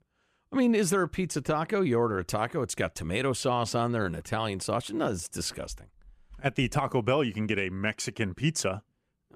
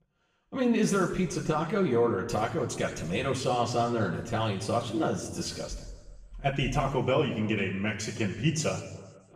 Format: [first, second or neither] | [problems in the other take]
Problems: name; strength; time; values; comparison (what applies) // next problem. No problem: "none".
first | room echo; noticeable; dies away in 1.1 s // off-mic speech; far